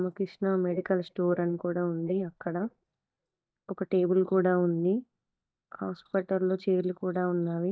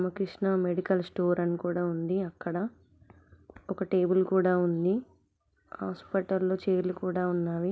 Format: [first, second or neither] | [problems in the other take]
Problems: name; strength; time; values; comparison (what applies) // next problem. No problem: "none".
second | noise reduction (neural mask model DeepFilterNet 3)